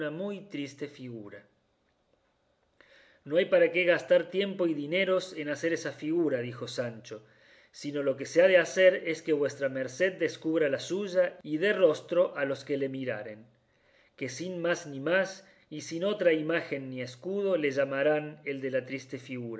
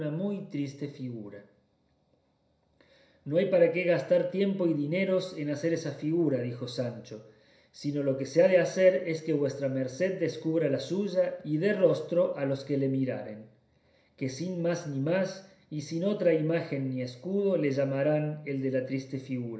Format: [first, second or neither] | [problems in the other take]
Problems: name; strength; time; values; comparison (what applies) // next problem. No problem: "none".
first | room echo; dies away in 0.5 s